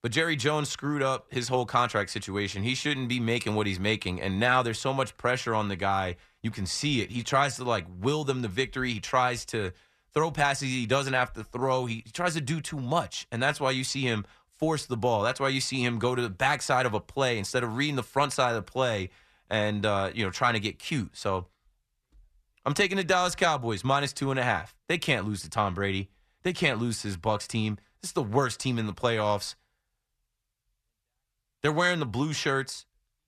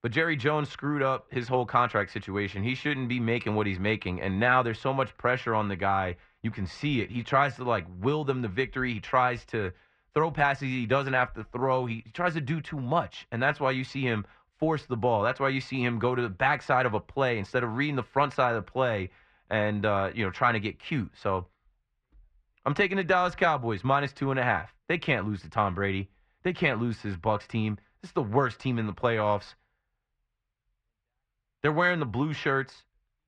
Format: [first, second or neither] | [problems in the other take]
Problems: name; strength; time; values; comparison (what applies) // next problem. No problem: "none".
first | muffled; very; fading above 2 kHz